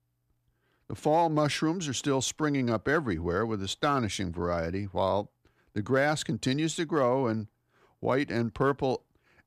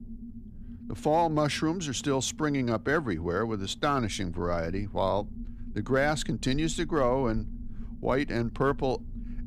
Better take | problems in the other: first | low rumble; faint; throughout; 25 dB below the speech

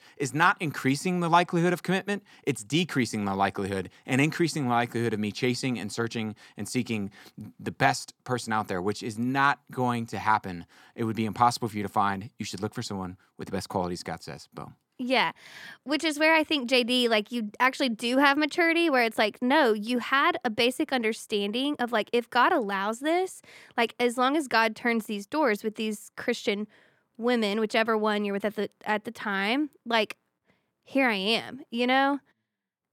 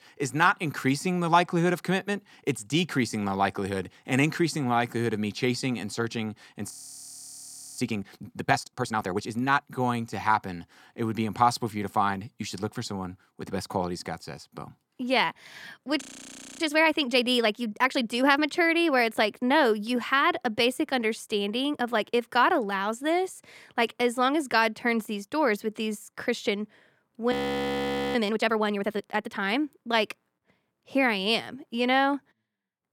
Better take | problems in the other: first | audio freezing; at 6.5 s for 1 s, at 16 s for 0.5 s and at 27 s for 1 s

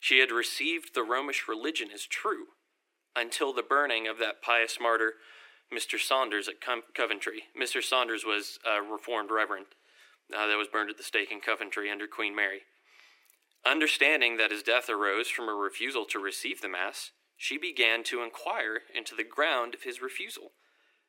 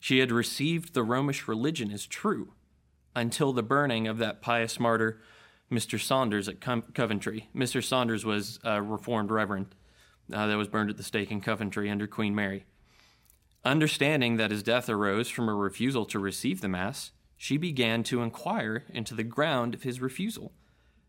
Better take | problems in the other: second | thin; very; fading below 300 Hz

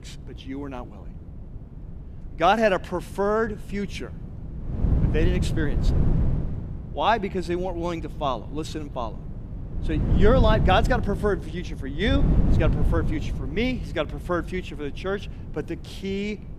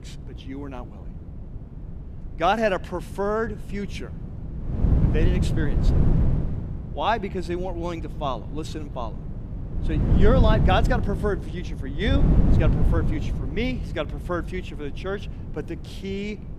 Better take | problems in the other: first | wind noise on the microphone; heavy; 8 dB below the speech; occasional gusts in the first

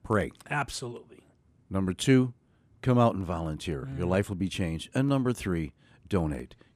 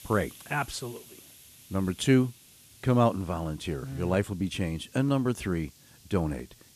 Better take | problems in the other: first | hiss; faint; throughout; 25 dB below the speech

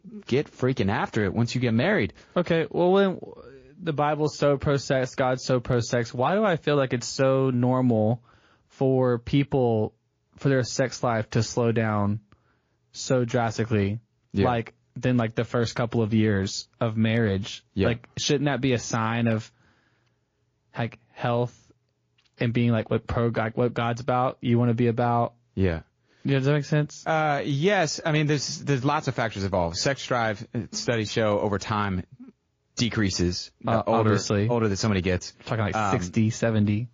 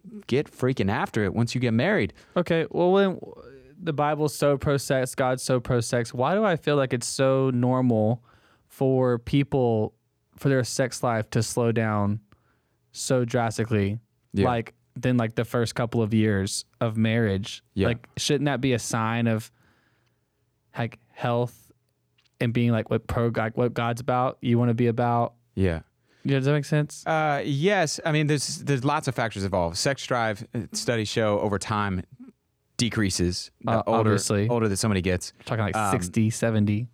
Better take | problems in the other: second | garbled, watery; slightly; nothing above 6 kHz

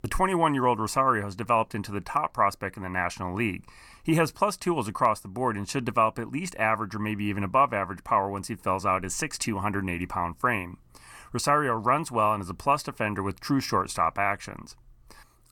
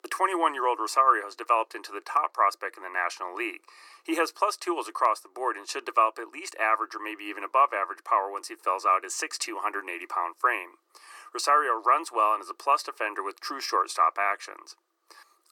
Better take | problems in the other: first | thin; very; fading below 350 Hz

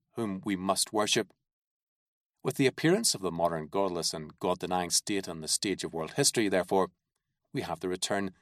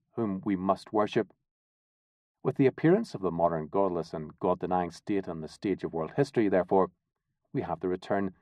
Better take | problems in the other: first | muffled; very; fading above 3.5 kHz

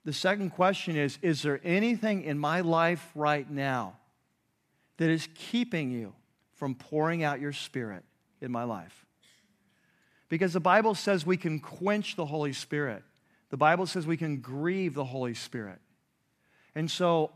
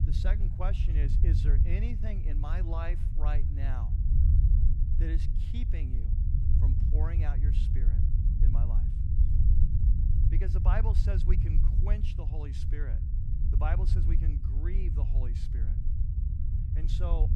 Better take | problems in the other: first | low rumble; loud; throughout; 3 dB below the speech

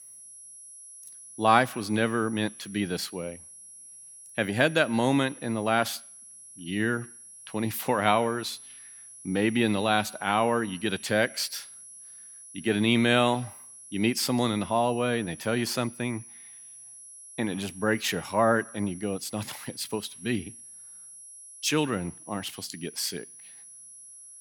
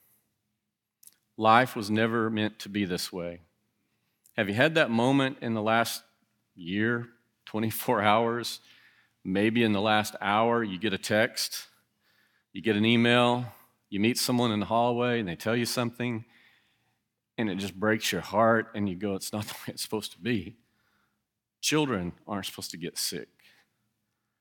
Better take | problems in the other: second | high-pitched whine; noticeable; throughout; 10.5 kHz, 15 dB below the speech

